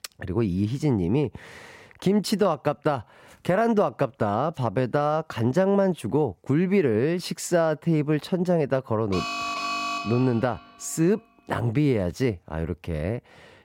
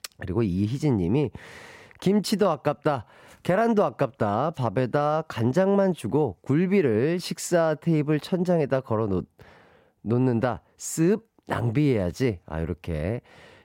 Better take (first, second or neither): second